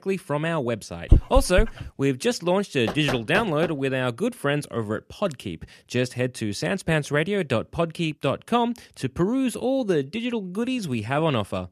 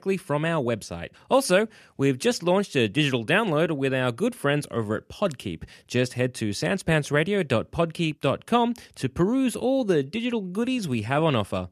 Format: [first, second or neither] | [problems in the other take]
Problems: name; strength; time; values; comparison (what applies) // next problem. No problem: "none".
second | dog barking; loud; at 1 s; peak 3 dB above the speech // door banging; noticeable; at 3 s; peak 5 dB below the speech